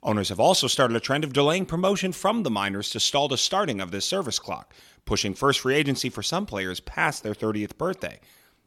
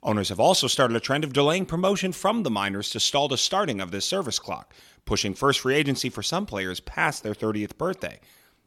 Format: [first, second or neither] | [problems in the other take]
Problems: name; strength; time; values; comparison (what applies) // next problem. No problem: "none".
neither | none